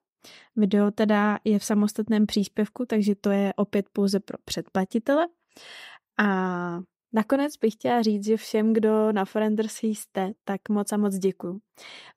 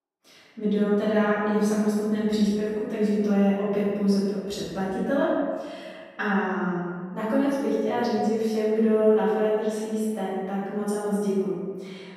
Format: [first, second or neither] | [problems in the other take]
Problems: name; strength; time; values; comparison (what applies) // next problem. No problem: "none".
first | room echo; strong; dies away in 1.6 s // off-mic speech; far